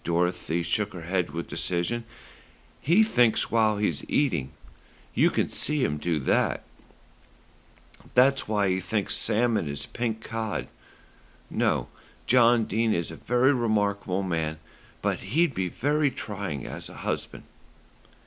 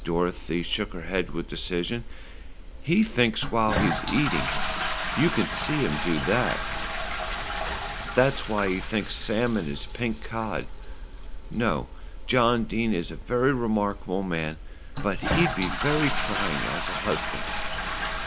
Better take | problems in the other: first | background sound (Toilet flush); 3 dB below the speech

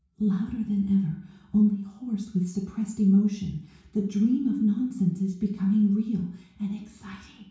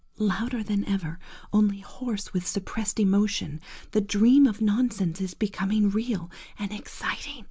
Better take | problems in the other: second | room echo; dies away in 0.6 s

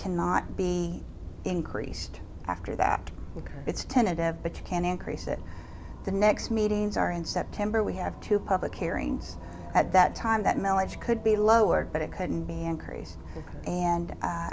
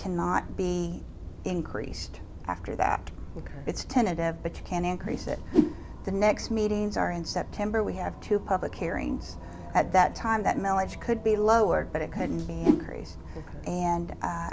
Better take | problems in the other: first | background sound (Whoosh, swoosh, swish); 1 dB below the speech

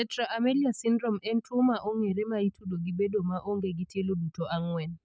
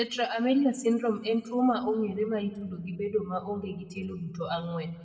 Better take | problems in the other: first | room echo; dies away in 1 s

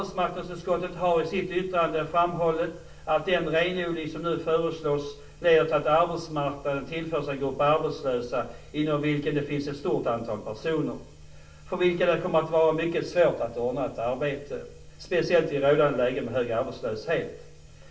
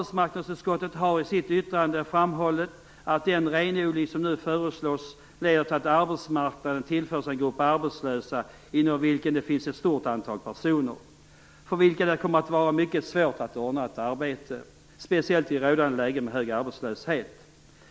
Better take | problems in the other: second | room echo; dies away in 0.3 s

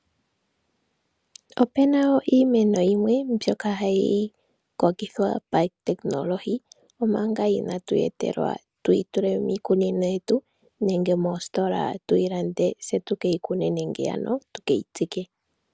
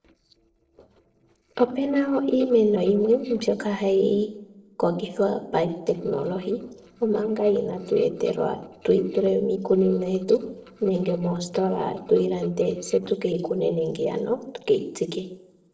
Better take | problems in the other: first | noise reduction (neural separator model SepFormer DNS4)

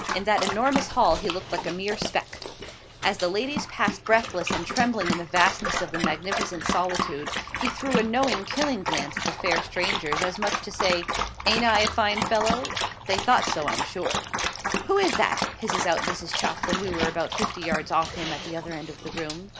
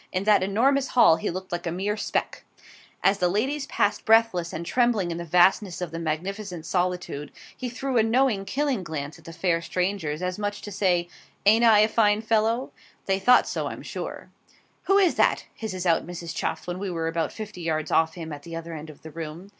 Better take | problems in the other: second | background sound (Dog); 3 dB below the speech

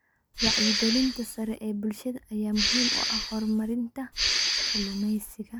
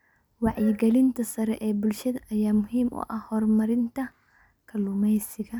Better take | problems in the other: second | background sound (Respiratory sounds); 2 dB above the speech

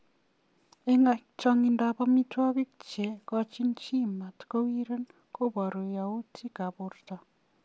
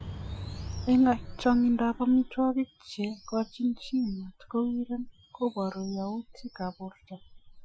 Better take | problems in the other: first | noise reduction (classical method Wiener filter)

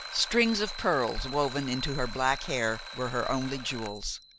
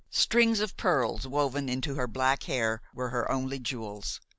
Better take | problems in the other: second | background sound (Alarm); 12 dB below the speech

